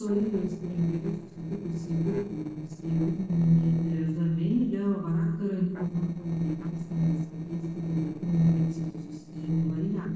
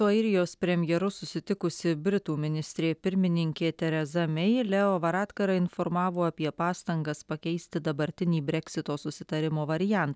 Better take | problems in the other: second | noise reduction (neural separator model SepFormer DNS4)

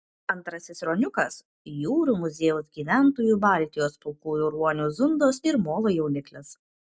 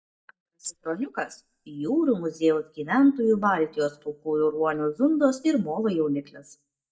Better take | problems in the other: first | noise reduction (neural mask model DeepFilterNet 3)

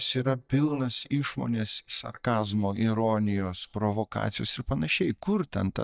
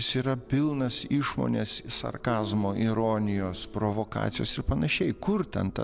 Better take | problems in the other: second | noise reduction (neural mask model DeepFilterNet 3)

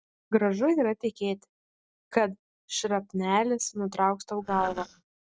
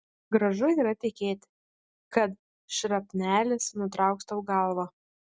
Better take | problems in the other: second | noise reduction (neural separator model SepFormer DNS4)

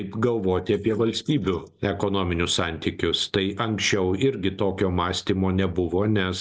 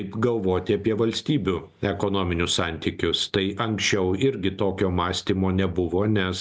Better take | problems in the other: second | noise reduction (neural mask model Resemble Enhance denoiser)

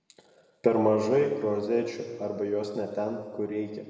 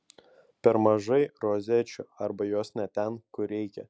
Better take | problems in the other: second | room echo; dies away in 1.8 s

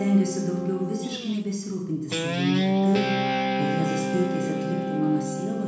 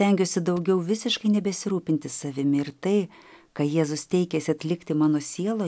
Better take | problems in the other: second | background sound (Guitar); as loud as the speech // room echo; dies away in 0.9 s

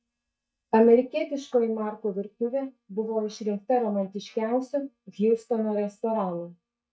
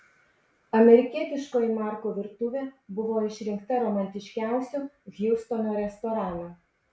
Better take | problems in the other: second | noise reduction (neural mask model DeepFilterNet 3)

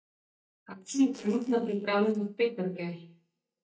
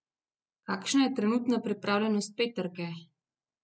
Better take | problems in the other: second | noise reduction (neural mask model DeepFilterNet 3)

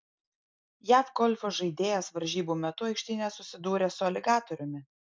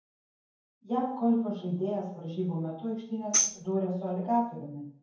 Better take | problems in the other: first | background sound (Tambourine); 1 dB below the speech // room echo; dies away in 0.9 s

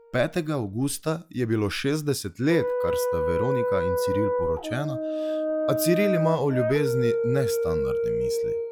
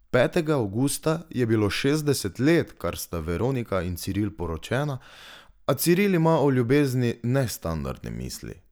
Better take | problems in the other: second | noise reduction (classical method log-MMSE)

